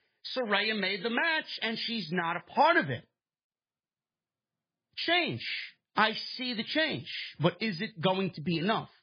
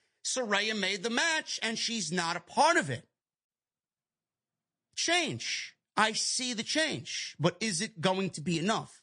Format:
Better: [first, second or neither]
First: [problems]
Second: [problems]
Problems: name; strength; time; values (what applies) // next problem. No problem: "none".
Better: second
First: garbled, watery; badly; nothing above 5 kHz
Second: garbled, watery; slightly; nothing above 9 kHz